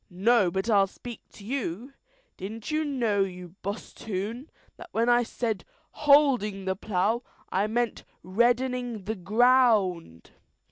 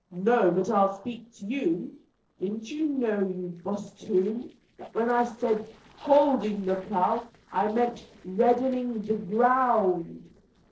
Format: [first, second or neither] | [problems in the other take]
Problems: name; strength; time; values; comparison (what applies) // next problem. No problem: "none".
first | noise reduction (neural separator model SepFormer DNS4)